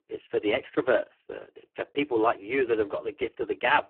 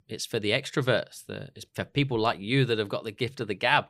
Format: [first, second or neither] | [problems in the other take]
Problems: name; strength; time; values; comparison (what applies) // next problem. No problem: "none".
second | phone-call audio; poor line